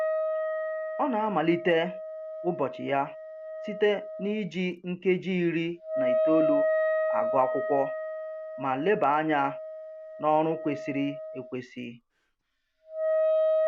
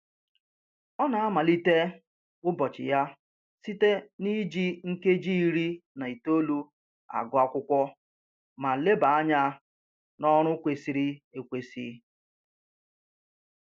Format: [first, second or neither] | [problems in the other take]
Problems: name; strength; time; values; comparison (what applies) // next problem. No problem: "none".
second | background sound (Wind instrument, woodwind instrument); 1 dB below the speech